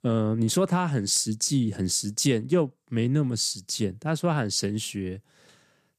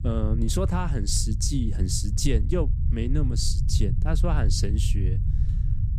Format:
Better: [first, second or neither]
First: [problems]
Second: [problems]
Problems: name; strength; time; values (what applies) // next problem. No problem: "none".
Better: first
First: none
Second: low rumble; noticeable; throughout; 10 dB below the speech